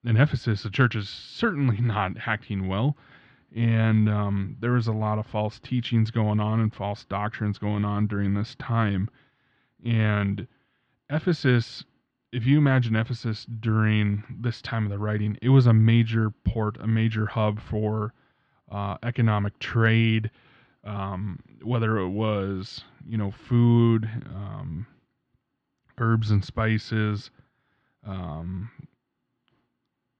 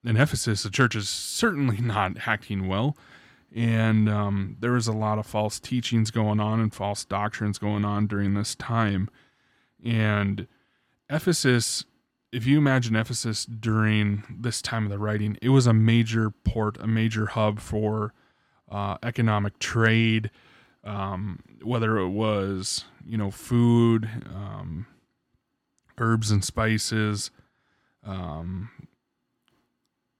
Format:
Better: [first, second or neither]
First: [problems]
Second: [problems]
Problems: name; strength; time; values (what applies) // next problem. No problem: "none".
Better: second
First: muffled; slightly; fading above 4 kHz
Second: none